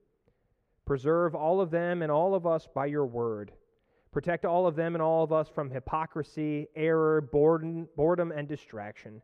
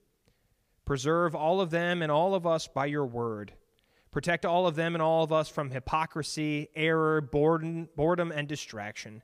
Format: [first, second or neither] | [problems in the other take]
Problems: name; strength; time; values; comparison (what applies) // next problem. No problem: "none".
second | muffled; very; fading above 3 kHz